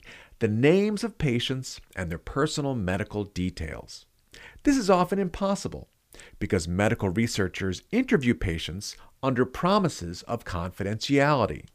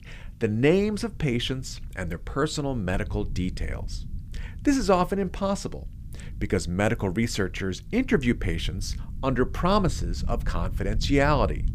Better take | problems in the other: first | low rumble; faint; throughout; 25 dB below the speech

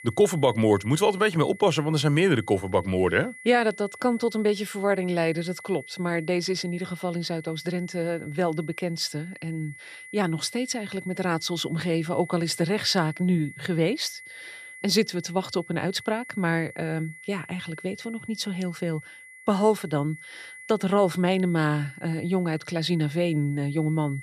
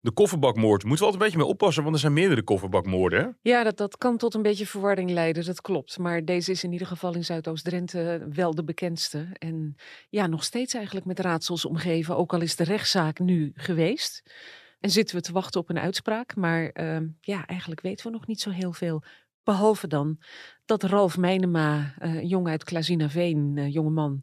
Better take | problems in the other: second | high-pitched whine; noticeable; throughout; 2 kHz, 15 dB below the speech

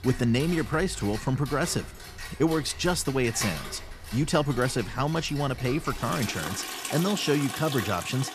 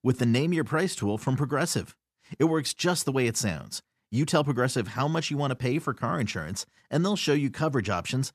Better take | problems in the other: second | household noises; loud; throughout; 9 dB below the speech

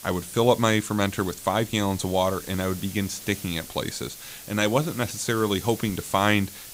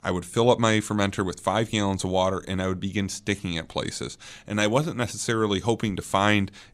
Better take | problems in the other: second | hiss; noticeable; throughout; 15 dB below the speech

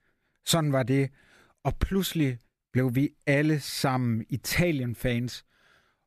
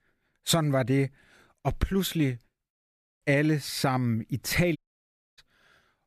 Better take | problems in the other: first | audio cutting out; at 2.5 s and at 5 s for 0.5 s

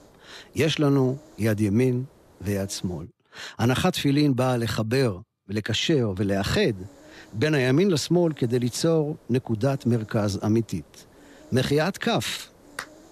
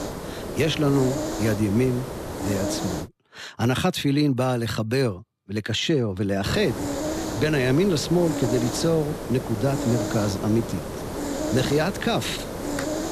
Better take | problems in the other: first | hiss; loud; until 3 s and from 6.5 s on; 6 dB below the speech; faint in the first

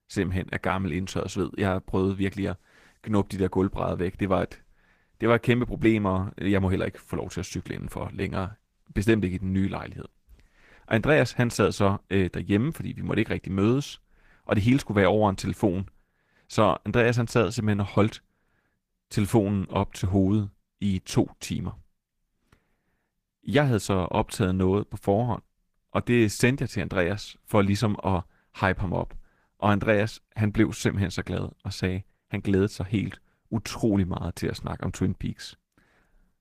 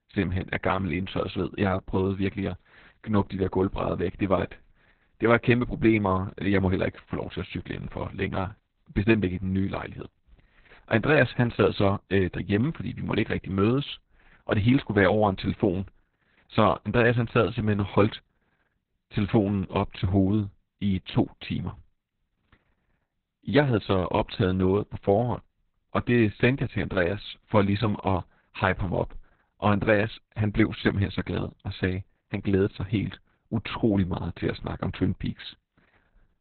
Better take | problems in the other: first | garbled, watery; badly; nothing above 4 kHz; slightly in the first

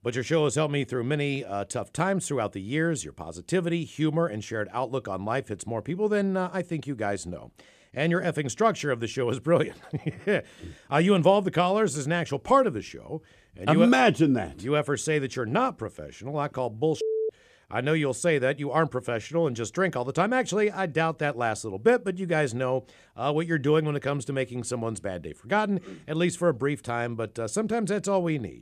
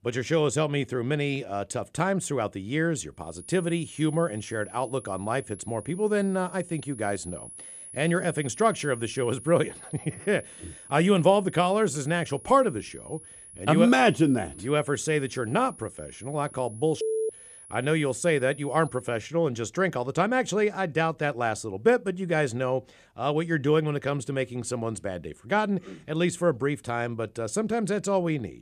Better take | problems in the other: first | high-pitched whine; noticeable; from 3.5 to 19 s; 10.5 kHz, 15 dB below the speech

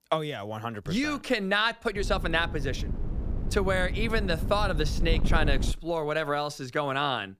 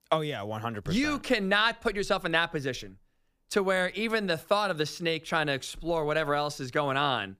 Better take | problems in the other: second | wind noise on the microphone; occasional gusts; from 2 to 5.5 s; 15 dB below the speech

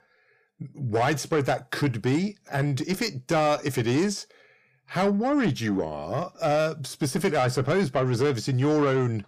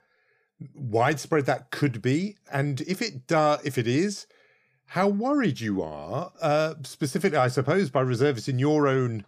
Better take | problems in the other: second | distortion; slight; 10 dB below the speech

